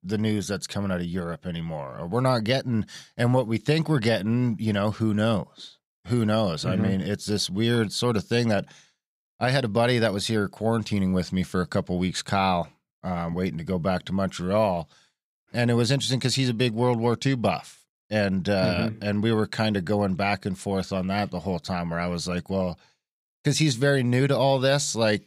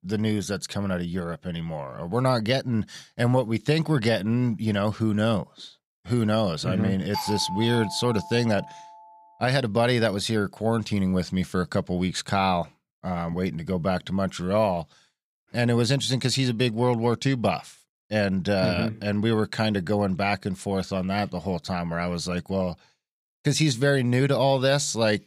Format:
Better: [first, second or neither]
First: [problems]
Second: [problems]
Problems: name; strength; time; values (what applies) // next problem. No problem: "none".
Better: first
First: none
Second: doorbell; noticeable; from 7 to 9 s; peak 6 dB below the speech